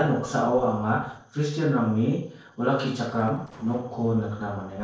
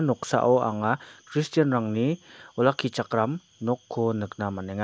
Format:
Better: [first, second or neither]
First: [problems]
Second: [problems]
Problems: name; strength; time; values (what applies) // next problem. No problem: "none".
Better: second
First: noise reduction (neural separator model SepFormer DNS4)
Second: none